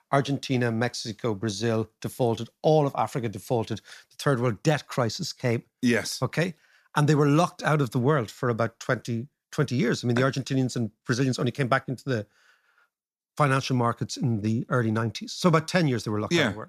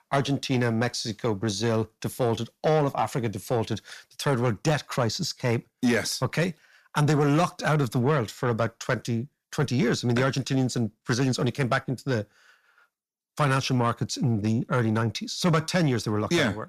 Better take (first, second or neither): first